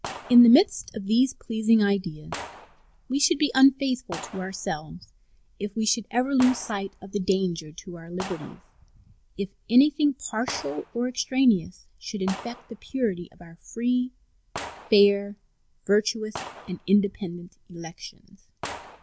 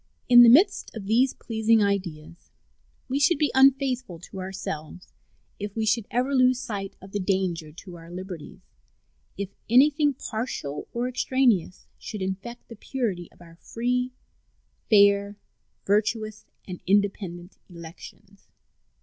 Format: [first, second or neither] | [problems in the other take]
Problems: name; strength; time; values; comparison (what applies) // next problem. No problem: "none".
second | background sound (Gunshot, gunfire); 18 dB below the speech